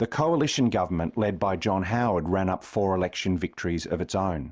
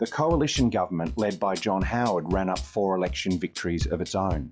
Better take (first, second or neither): first